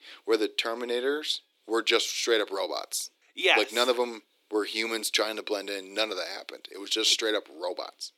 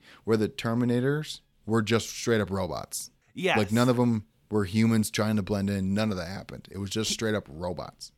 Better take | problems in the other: second | thin; very; fading below 300 Hz

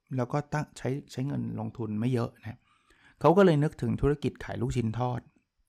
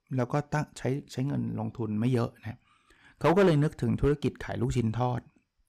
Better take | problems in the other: first | distortion; slight; 2% of the sound clipped

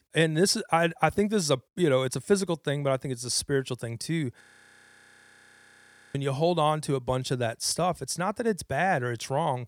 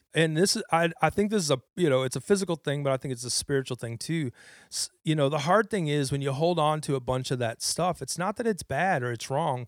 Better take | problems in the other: second | audio freezing; at 4.5 s for 1.5 s

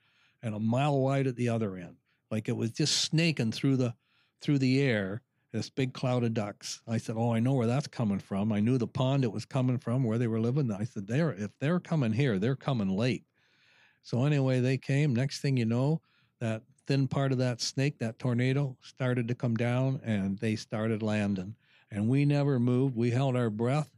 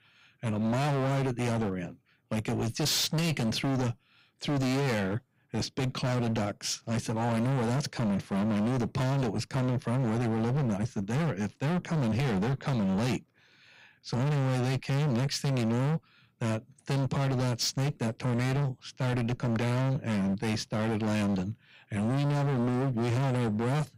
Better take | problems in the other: first | distortion; heavy; 34% of the sound clipped

